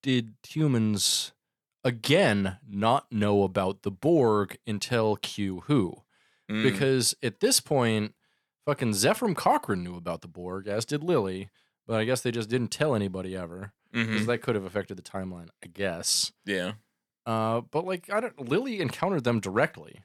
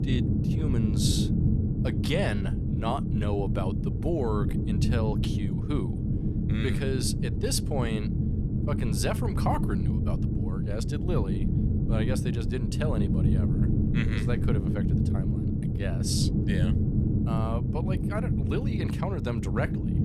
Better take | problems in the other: first | low rumble; loud; throughout; 2 dB below the speech

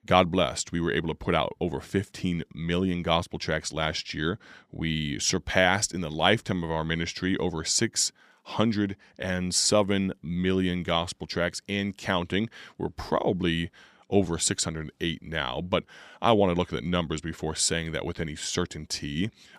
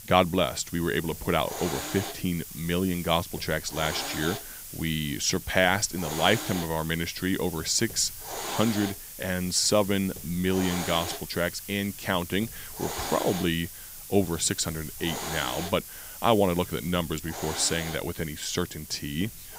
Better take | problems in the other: first | hiss; loud; throughout; 9 dB below the speech

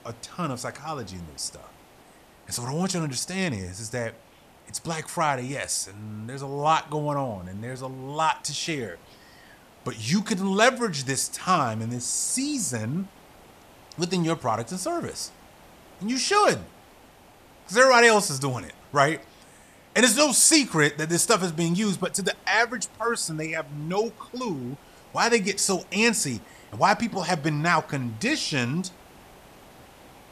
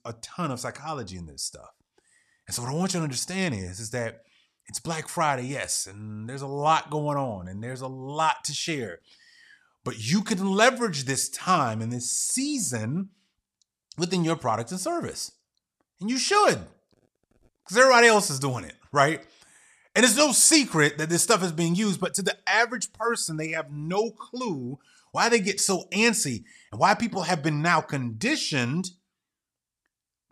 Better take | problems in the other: second | hiss; faint; throughout; 25 dB below the speech

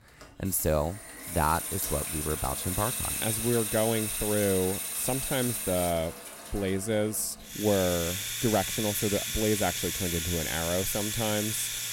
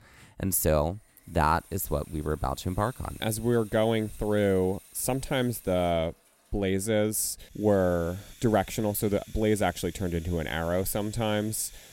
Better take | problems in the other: second | household noises; loud; throughout; 1 dB below the speech; faint in the second

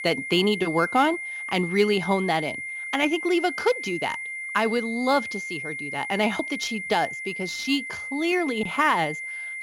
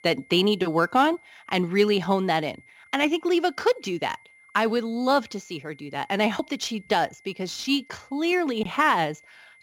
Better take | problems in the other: second | high-pitched whine; loud; throughout; 2 kHz, 6 dB below the speech; faint in the second

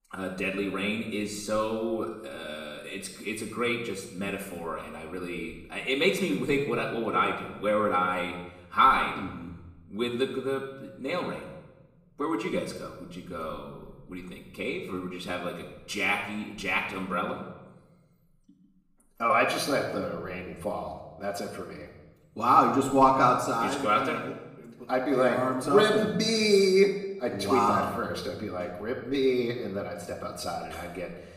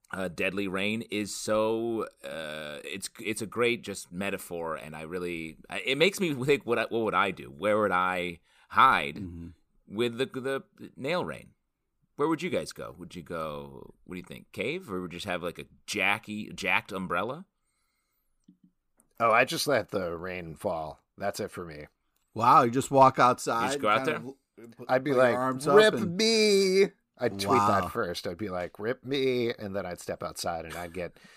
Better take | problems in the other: second | off-mic speech; far // room echo; noticeable; dies away in 0.9 s

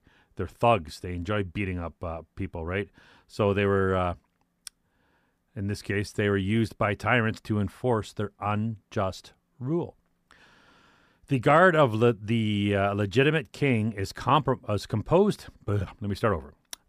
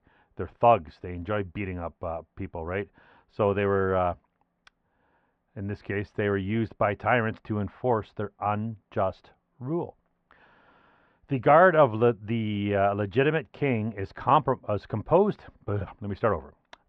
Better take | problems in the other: first | muffled; very; fading above 3 kHz

